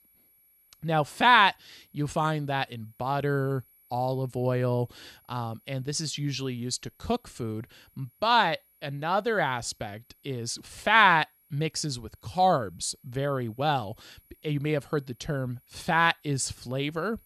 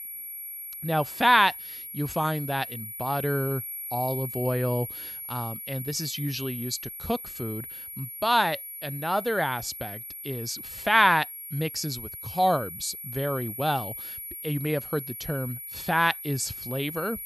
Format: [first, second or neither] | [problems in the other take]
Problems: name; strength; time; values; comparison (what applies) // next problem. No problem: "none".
first | high-pitched whine; loud; throughout; 11.5 kHz, 8 dB below the speech; faint in the first